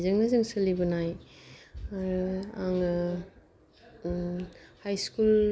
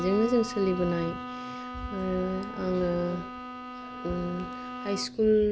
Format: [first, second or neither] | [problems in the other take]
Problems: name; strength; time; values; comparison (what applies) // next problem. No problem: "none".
first | background sound (Bowed string instrument); 9 dB below the speech